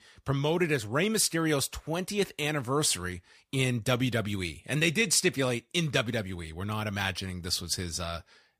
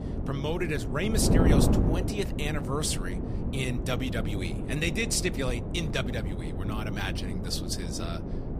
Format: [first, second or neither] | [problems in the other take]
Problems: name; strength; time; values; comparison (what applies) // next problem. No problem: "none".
first | wind noise on the microphone; heavy; 4 dB below the speech